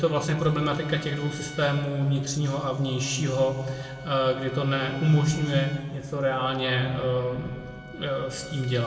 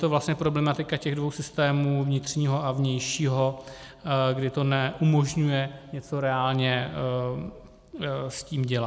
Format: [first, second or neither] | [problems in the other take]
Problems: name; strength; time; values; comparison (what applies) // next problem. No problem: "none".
second | background sound (Trumpet); 20 dB below the speech // room echo; dies away in 1.7 s